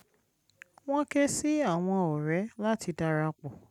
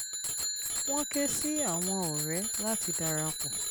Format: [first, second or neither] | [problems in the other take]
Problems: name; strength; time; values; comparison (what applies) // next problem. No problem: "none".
first | background sound (Bicycle bell); 2 dB above the speech